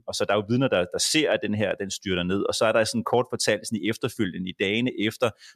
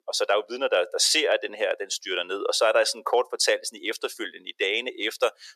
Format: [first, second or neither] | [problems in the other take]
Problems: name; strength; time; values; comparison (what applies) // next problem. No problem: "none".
first | thin; very; fading below 400 Hz